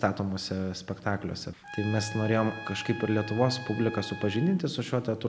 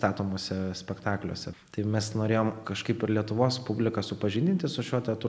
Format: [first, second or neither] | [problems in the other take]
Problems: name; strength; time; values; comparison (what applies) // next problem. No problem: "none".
second | background sound (Trumpet); 13 dB below the speech